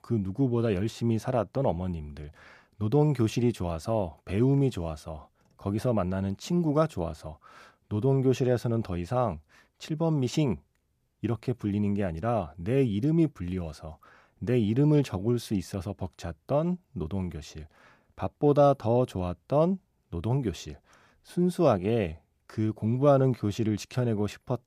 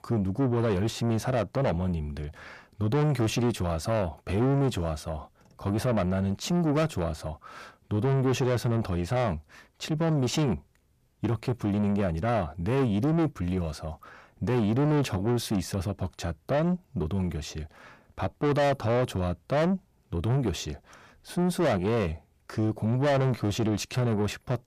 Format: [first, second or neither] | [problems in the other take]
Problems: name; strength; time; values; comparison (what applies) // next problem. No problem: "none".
first | distortion; heavy; 7 dB below the speech